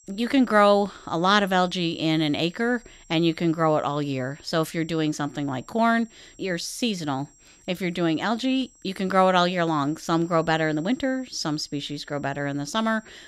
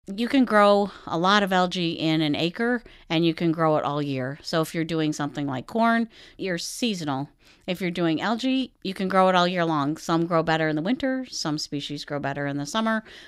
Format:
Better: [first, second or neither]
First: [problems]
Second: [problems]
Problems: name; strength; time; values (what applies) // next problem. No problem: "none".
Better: second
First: high-pitched whine; faint; throughout; 7.5 kHz, 30 dB below the speech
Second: none